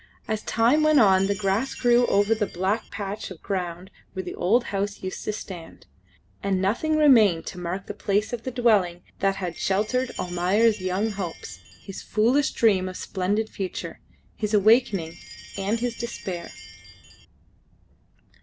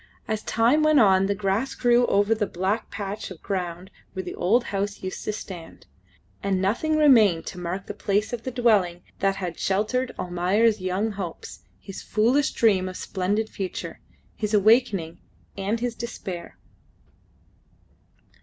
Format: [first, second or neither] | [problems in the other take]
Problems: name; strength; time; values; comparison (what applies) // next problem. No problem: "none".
second | background sound (Chime); 19 dB below the speech